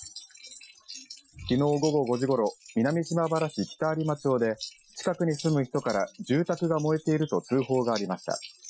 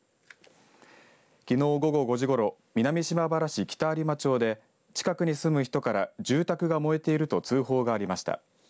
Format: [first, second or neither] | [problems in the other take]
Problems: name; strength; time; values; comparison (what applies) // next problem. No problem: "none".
second | noise reduction (classical method Wiener filter)